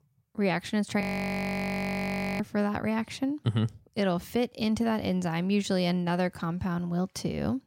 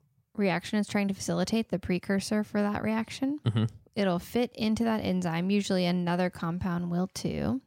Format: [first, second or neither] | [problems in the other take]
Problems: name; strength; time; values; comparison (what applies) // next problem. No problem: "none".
second | audio freezing; at 1 s for 1.5 s